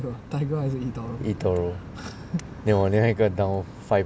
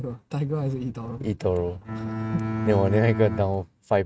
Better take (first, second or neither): first